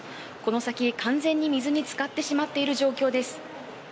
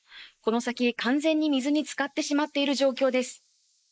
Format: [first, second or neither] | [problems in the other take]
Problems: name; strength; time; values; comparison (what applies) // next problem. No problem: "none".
first | noise reduction (neural mask model Resemble Enhance denoiser)